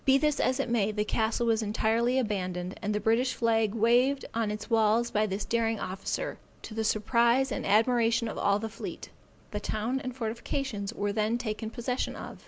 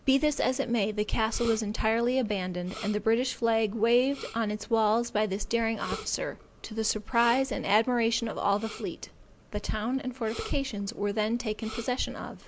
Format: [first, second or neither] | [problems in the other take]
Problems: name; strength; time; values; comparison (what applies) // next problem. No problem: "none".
first | background sound (Respiratory sounds); 18 dB below the speech